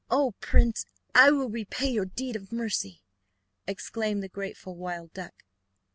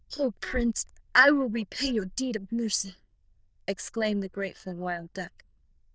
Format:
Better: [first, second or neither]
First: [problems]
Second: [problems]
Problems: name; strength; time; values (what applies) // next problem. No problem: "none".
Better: first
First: none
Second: noise reduction (neural diffusion model UNIVERSE++)